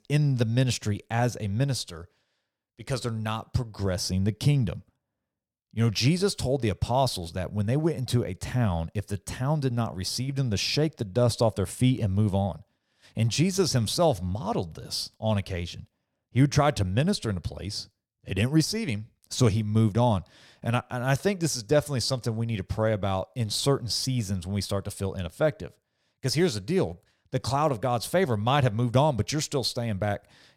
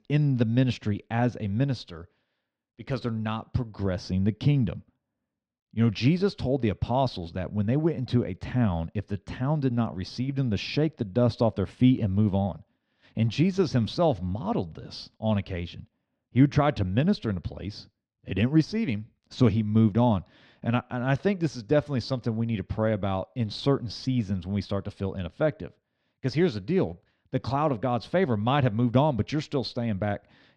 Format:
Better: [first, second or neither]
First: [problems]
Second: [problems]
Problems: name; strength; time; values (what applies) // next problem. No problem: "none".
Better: first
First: none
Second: muffled; slightly; fading above 3.5 kHz